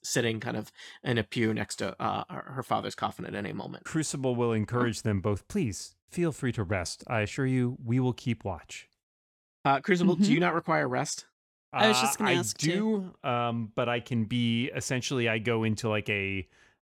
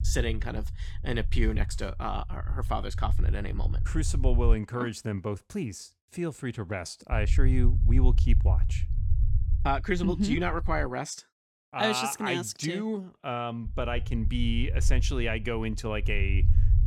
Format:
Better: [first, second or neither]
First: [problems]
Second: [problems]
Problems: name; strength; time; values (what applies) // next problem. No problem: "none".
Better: first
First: none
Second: low rumble; noticeable; until 4.5 s, from 7 to 11 s and from 14 s on; 15 dB below the speech